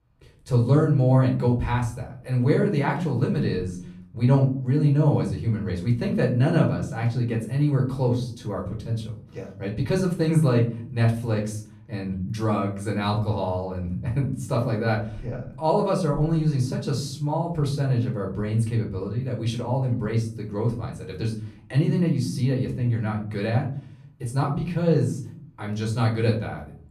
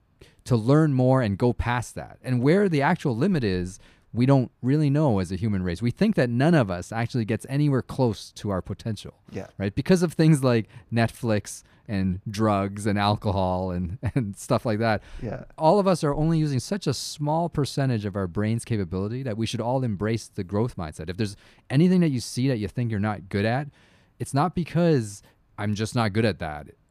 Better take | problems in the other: second | off-mic speech; far // room echo; slight; dies away in 0.5 s

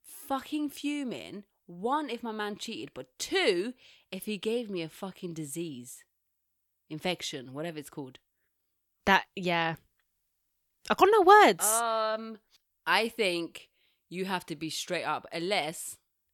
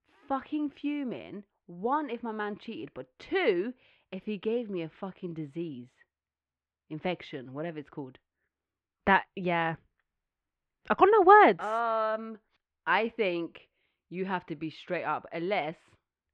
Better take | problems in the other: first | muffled; very; fading above 2.5 kHz

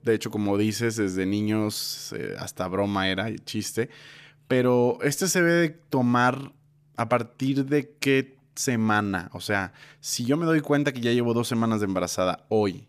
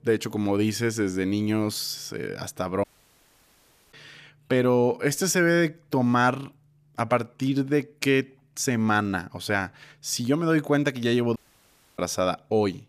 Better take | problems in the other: first | audio cutting out; at 3 s for 1 s and at 11 s for 0.5 s

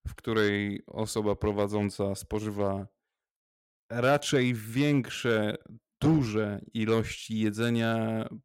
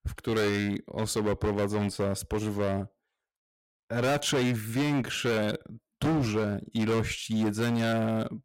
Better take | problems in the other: first | distortion; heavy; 16% of the sound clipped

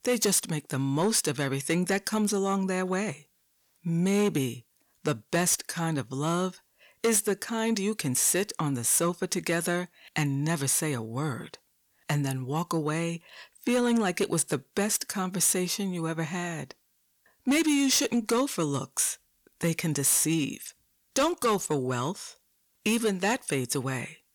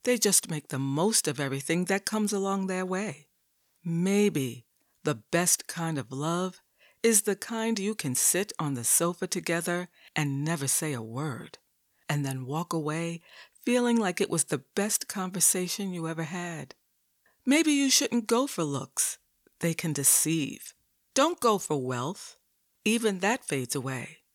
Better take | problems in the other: second | distortion; slight; 10 dB below the speech

